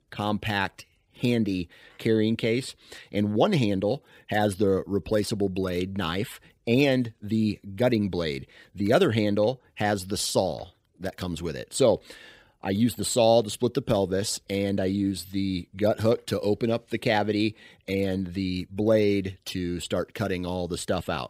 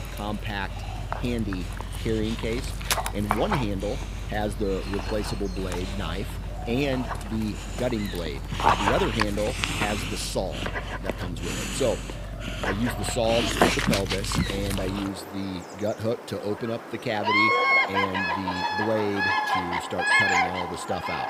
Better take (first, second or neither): first